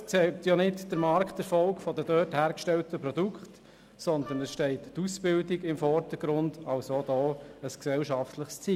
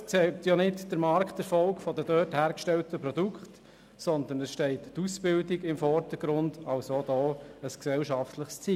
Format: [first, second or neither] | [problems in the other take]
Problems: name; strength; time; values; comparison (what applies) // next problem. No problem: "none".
second | background sound (Wind instrument, woodwind instrument); 19 dB below the speech